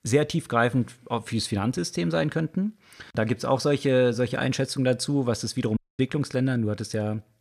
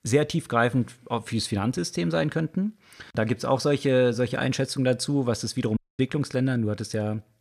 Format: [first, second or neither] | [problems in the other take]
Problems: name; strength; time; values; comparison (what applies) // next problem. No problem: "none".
neither | audio cutting out; at 6 s; the same in both